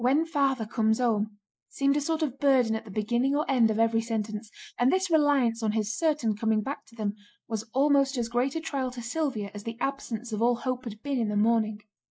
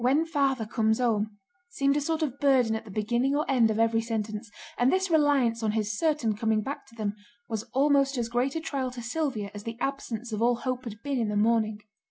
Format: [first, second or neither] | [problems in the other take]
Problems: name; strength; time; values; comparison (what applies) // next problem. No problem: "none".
second | noise reduction (neural mask model Resemble Enhance denoiser)